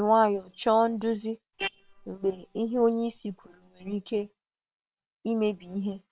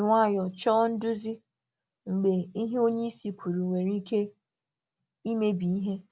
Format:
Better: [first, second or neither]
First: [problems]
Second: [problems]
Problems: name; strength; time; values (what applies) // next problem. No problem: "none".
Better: second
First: noise reduction (neural separator model SepFormer WHAM!)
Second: none